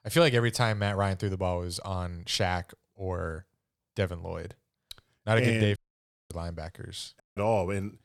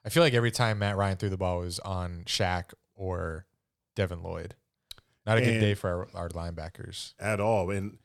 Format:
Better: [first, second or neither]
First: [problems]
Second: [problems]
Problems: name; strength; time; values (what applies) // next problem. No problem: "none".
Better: second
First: audio cutting out; at 6 s for 0.5 s and at 7 s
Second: none